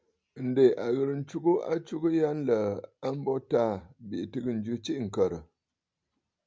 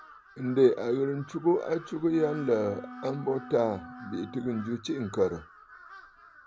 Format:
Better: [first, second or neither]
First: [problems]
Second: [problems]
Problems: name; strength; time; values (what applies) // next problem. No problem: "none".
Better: first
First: none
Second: background sound (Crow + Wind instrument, woodwind instrument); 17 dB below the speech